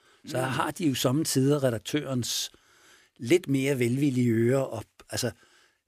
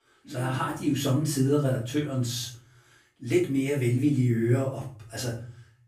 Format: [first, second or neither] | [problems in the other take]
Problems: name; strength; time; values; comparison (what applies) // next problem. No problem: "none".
first | room echo; slight; dies away in 0.5 s // off-mic speech; far